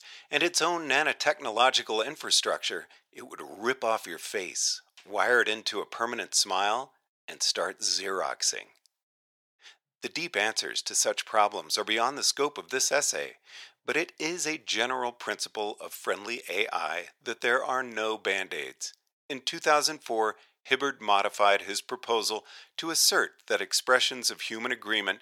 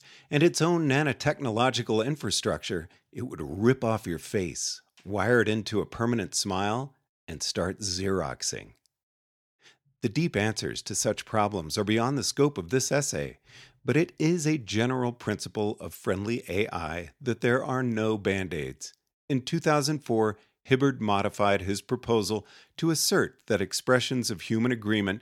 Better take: second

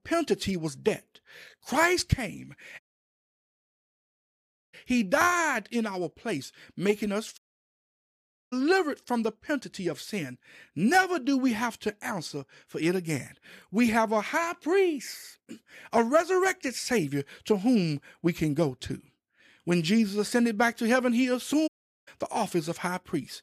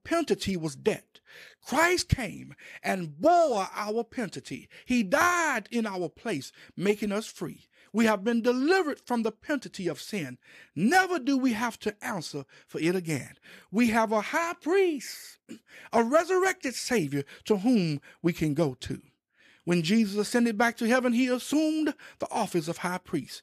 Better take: second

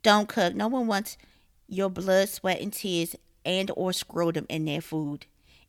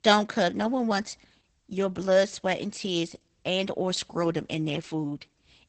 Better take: first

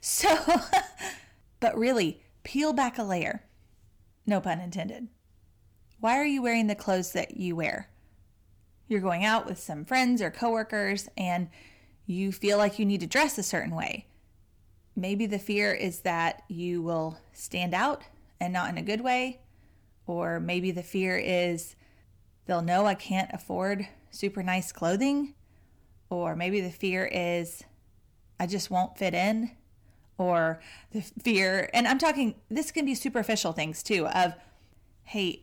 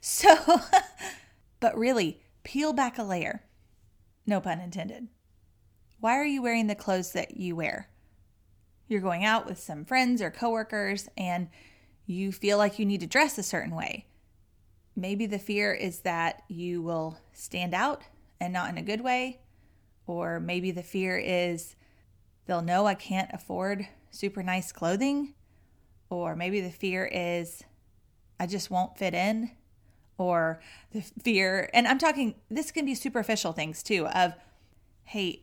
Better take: second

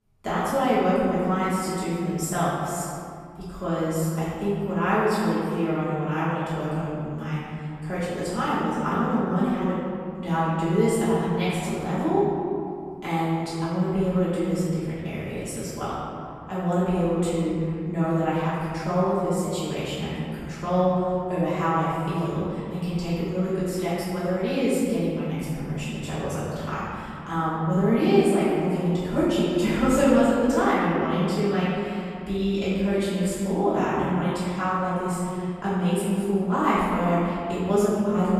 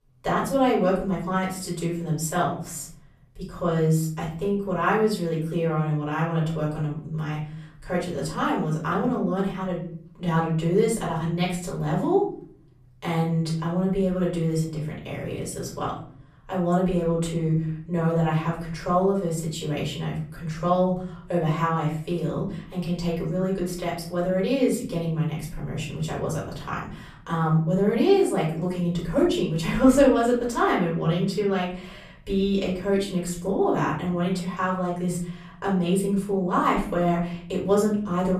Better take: second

